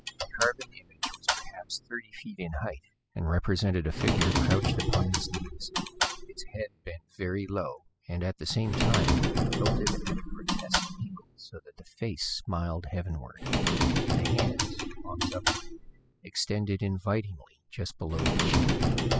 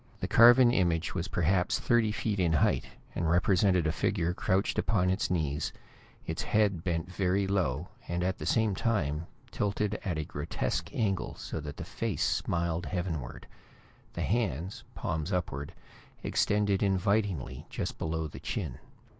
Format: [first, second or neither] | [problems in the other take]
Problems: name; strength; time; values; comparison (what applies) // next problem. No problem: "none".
second | noise reduction (classical method spectral subtraction)